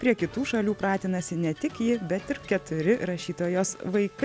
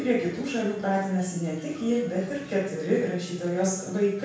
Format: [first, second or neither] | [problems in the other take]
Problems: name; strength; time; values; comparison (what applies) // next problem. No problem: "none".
first | room echo; dies away in 0.6 s